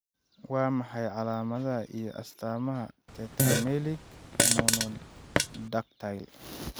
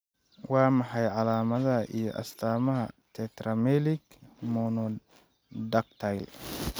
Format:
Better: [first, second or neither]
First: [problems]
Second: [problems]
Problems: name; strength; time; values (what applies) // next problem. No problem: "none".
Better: second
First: background sound (Fart); 5 dB above the speech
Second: none